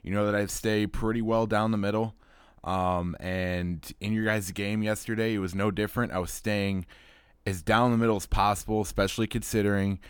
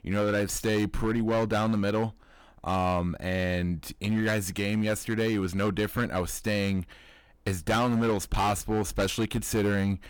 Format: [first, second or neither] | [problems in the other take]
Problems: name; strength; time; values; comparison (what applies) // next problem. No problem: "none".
first | distortion; slight; 11% of the sound clipped